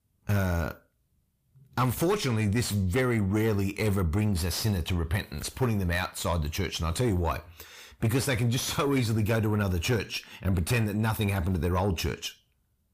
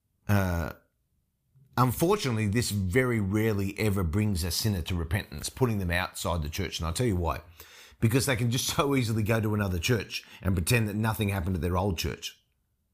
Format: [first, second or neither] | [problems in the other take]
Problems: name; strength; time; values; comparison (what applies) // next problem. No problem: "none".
second | distortion; slight; 10 dB below the speech